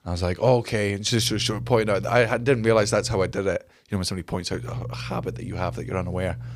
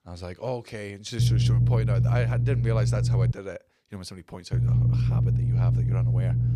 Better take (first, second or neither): first